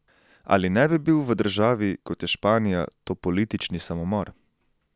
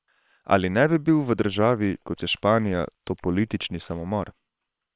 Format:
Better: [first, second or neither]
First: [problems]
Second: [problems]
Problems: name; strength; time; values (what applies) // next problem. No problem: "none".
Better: first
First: none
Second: noise reduction (neural separator model SepFormer WHAM!)